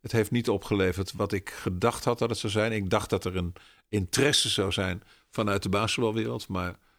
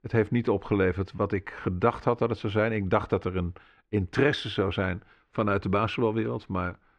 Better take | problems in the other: first | muffled; very; fading above 2 kHz

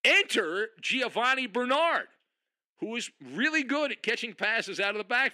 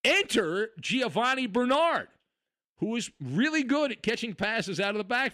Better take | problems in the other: second | thin; very slightly; fading below 250 Hz

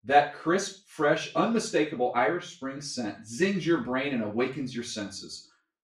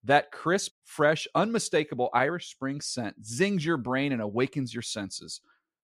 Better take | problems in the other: second | room echo; slight; dies away in 0.3 s // off-mic speech; far

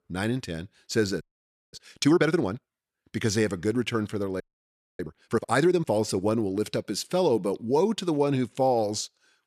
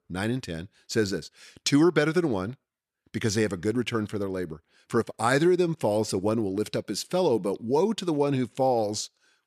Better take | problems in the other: second | audio freezing; at 1 s for 0.5 s and at 4.5 s for 0.5 s

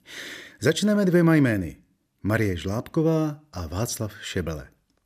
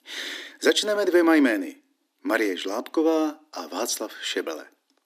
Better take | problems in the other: first | thin; somewhat; fading below 250 Hz

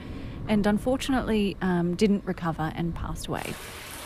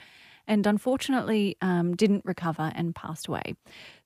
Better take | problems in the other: second | rain or running water; noticeable; throughout; 15 dB below the speech

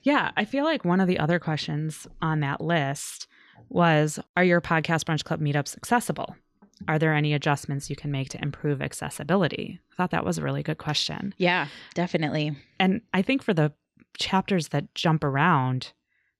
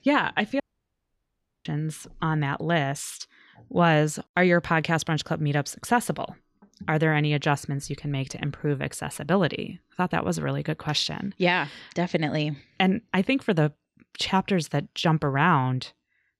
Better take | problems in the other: first | audio cutting out; at 0.5 s for 1 s

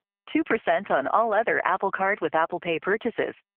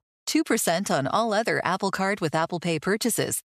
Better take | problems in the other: second | phone-call audio; poor line

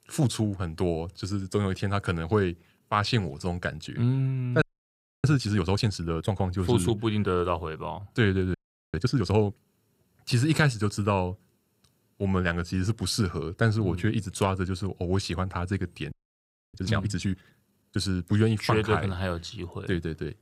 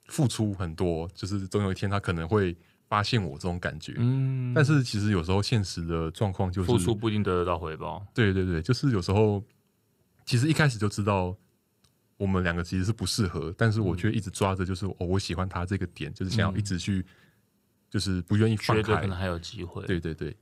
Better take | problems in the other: second | audio freezing; at 4.5 s for 0.5 s, at 8.5 s and at 16 s for 0.5 s

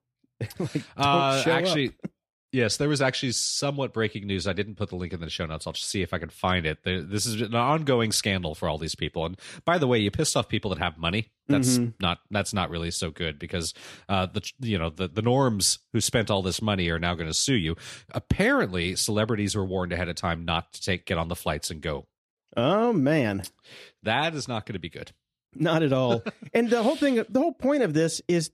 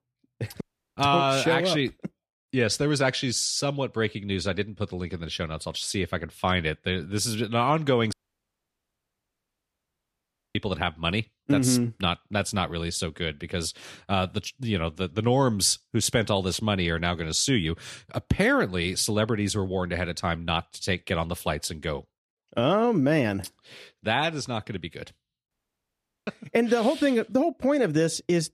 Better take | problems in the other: first | audio cutting out; at 0.5 s, at 8 s for 2.5 s and at 26 s for 1 s

